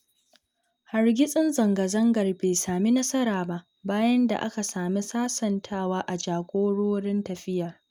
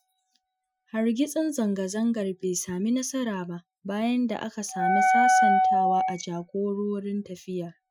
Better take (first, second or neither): first